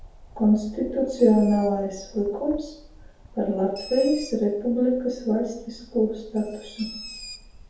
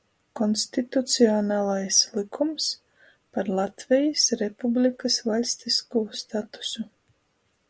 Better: second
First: background sound (Bird); 18 dB below the speech // room echo; dies away in 0.7 s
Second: none

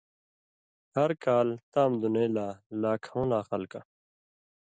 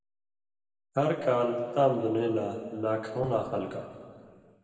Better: first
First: none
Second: room echo; dies away in 2 s

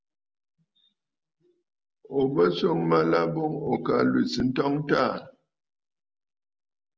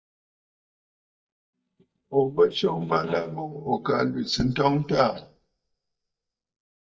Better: first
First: none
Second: noise reduction (neural mask model DeepFilterNet 3)

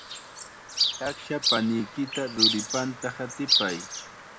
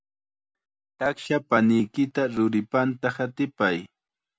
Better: second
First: background sound (Chirp, tweet); 2 dB above the speech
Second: none

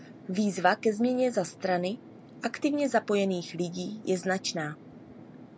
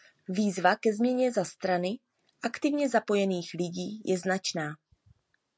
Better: second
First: background sound (Fixed-wing aircraft, airplane); 19 dB below the speech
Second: none

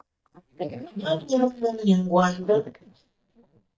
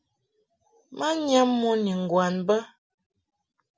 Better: second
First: noise reduction (neural mask model DeepFilterNet 3)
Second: none

